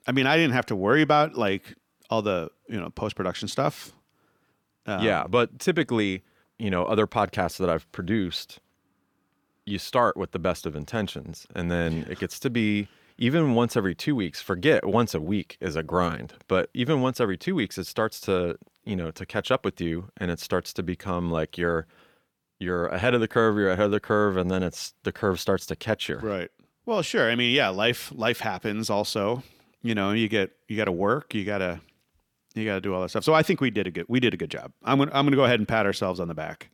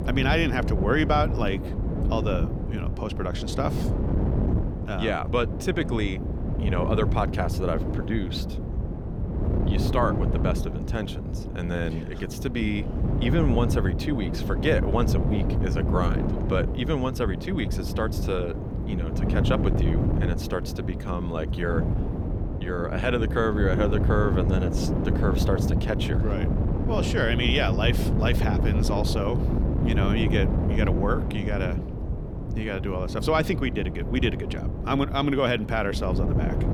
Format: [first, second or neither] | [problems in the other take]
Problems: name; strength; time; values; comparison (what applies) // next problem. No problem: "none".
first | wind noise on the microphone; heavy; 6 dB below the speech